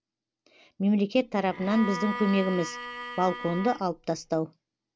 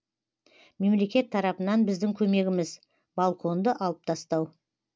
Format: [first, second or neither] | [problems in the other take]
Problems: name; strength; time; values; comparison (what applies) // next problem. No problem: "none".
second | background sound (Bowed string instrument); 10 dB below the speech